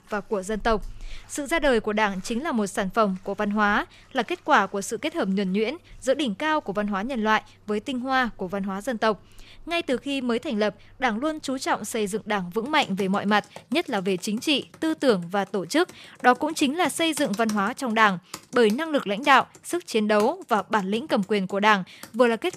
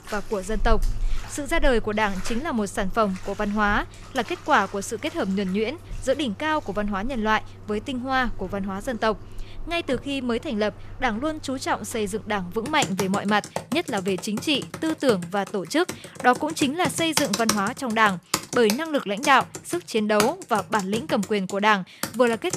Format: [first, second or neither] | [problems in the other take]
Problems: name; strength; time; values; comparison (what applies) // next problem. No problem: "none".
first | household noises; loud; throughout; 10 dB below the speech; faint in the first